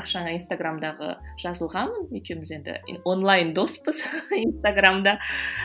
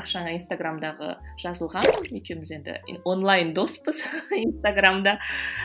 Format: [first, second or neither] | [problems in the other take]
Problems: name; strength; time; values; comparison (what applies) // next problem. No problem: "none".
first | background sound (Splash, splatter); 4 dB below the speech